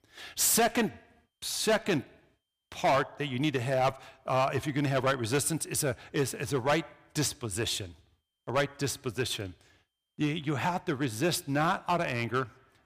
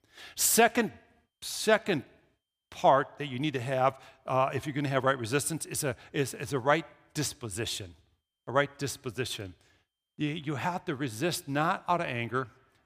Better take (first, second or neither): second